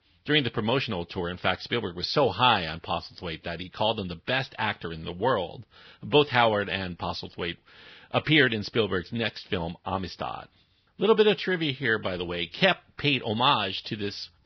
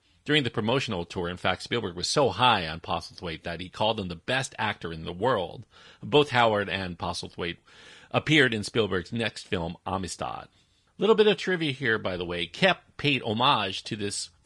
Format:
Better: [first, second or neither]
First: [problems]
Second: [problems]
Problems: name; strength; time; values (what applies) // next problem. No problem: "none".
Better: second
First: garbled, watery; badly; nothing above 5.5 kHz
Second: garbled, watery; slightly